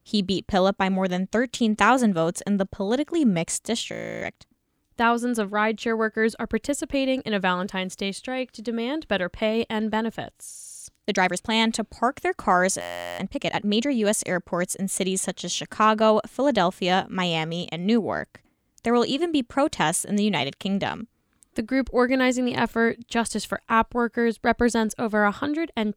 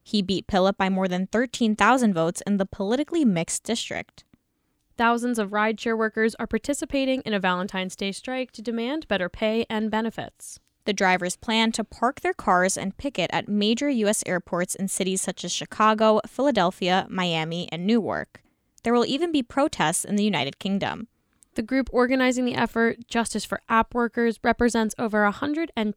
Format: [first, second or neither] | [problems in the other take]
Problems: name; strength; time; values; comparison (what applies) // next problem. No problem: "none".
second | audio freezing; at 4 s, at 11 s and at 13 s